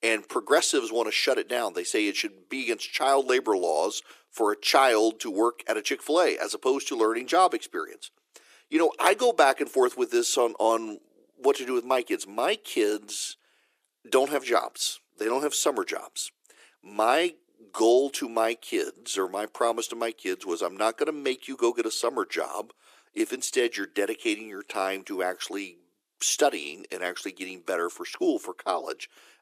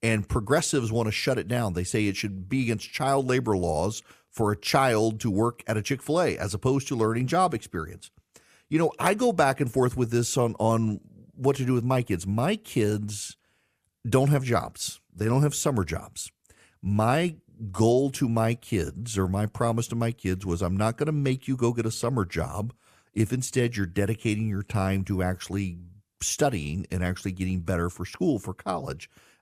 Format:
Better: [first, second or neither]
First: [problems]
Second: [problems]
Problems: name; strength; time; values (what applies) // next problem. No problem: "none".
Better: second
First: thin; very; fading below 350 Hz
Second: none